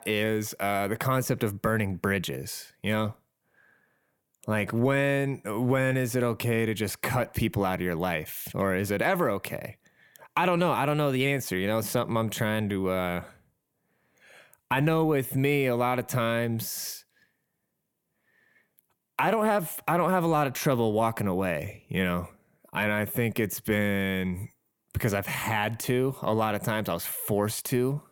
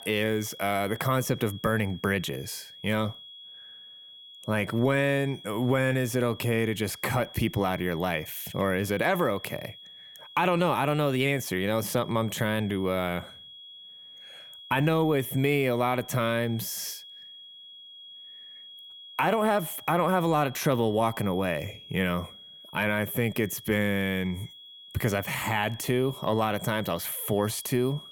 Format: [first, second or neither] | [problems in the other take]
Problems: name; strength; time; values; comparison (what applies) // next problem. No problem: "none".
first | high-pitched whine; noticeable; throughout; 3.5 kHz, 15 dB below the speech